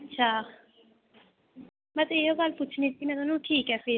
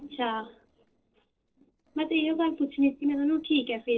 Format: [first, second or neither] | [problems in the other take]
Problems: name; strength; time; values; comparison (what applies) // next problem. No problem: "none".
first | noise reduction (neural separator model SepFormer DNS4)